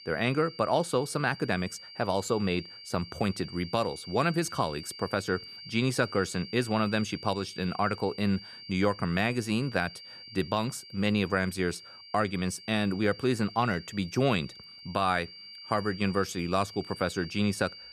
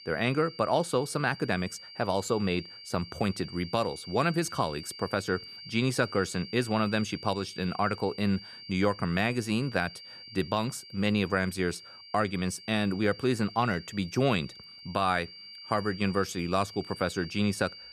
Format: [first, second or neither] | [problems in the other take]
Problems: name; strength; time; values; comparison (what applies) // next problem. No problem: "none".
neither | high-pitched whine; noticeable; throughout; 4.5 kHz, 15 dB below the speech; the same in both